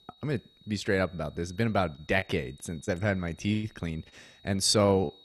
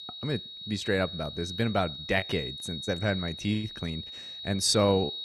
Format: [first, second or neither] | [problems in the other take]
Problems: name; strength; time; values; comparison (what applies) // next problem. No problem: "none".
first | high-pitched whine; loud; throughout; 4 kHz, 8 dB below the speech; faint in the first